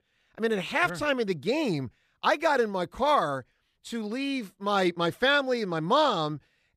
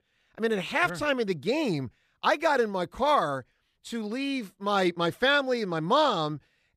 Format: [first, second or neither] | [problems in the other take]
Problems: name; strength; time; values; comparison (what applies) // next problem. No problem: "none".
neither | none